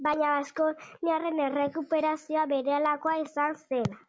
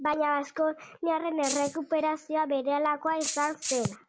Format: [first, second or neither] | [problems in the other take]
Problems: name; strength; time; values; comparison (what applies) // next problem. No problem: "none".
first | background sound (Rattle (instrument)); 6 dB below the speech